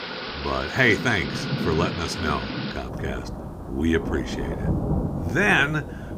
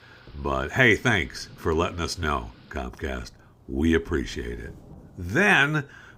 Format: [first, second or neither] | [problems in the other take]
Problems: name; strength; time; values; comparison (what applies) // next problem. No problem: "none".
second | rain or running water; loud; throughout; 5 dB below the speech; faint in the second